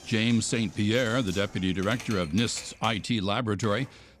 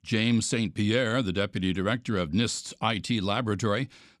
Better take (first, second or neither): second